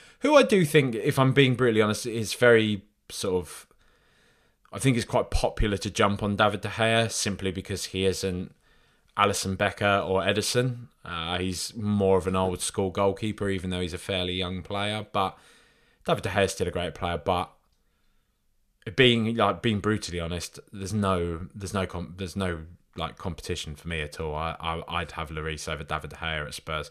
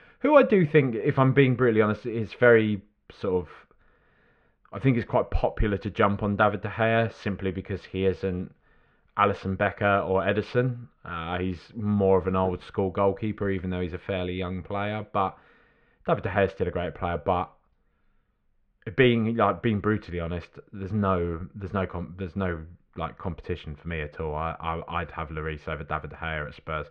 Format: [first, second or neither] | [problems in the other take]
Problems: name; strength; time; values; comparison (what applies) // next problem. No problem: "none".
first | muffled; very; fading above 2 kHz